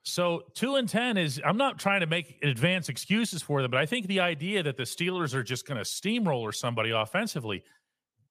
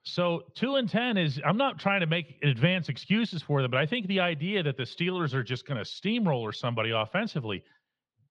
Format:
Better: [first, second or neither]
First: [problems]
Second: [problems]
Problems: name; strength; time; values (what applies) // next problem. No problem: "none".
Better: first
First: none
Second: muffled; very slightly; fading above 4 kHz